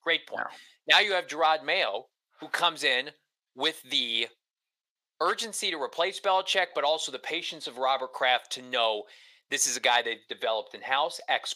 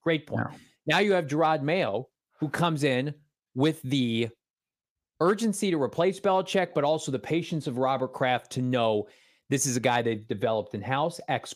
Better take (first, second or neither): second